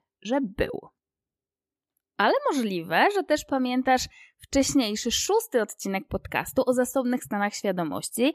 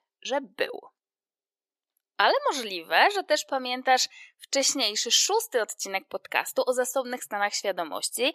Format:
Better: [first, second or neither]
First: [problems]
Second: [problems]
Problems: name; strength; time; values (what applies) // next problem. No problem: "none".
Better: first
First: none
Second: thin; somewhat; fading below 550 Hz